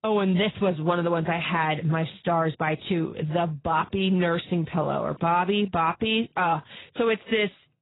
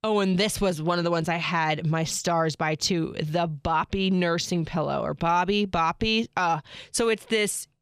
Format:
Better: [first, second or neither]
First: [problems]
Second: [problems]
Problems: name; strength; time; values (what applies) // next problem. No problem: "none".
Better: second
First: garbled, watery; badly; nothing above 4 kHz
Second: none